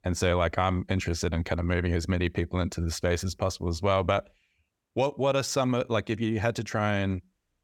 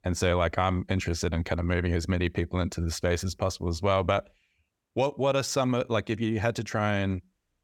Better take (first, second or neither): neither